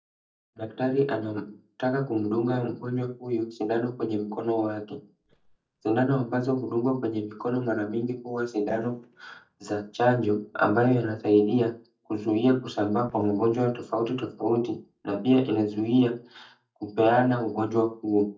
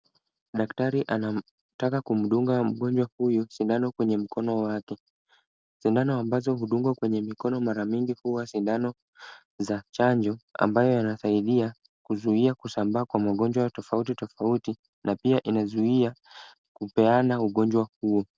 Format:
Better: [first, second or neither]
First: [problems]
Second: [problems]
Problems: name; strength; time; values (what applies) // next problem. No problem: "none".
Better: second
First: noise reduction (neural mask model DeepFilterNet 3)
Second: none